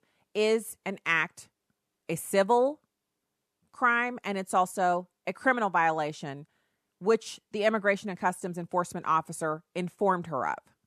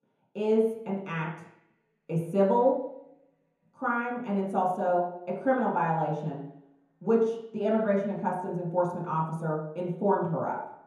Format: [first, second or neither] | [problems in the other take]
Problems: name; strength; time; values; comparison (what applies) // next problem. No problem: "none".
first | room echo; noticeable; dies away in 3 s // off-mic speech; far